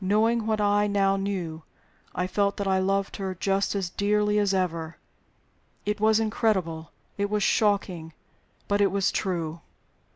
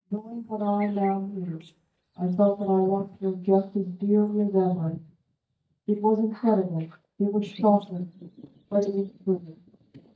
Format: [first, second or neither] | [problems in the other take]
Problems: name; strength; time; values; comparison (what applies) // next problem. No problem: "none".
first | noise reduction (neural mask model DeepFilterNet 3)